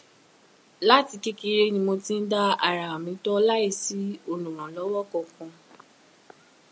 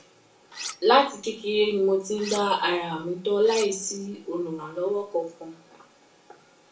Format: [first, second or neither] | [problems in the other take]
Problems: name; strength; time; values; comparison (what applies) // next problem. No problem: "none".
first | background sound (Cutlery, silverware); 12 dB below the speech // room echo; dies away in 0.3 s